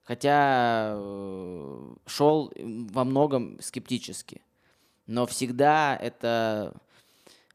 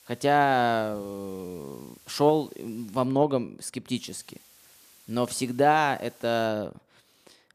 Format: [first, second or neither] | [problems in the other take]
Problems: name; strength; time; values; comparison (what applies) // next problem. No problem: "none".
first | hiss; faint; until 3 s and from 4 to 6.5 s; 25 dB below the speech